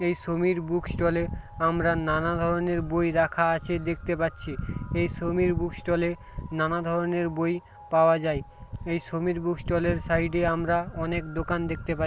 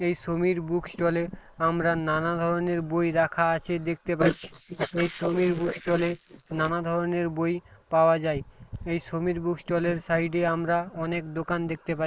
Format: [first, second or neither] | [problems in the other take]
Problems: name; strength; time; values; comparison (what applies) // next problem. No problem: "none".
first | noise reduction (neural mask model Resemble Enhance denoiser)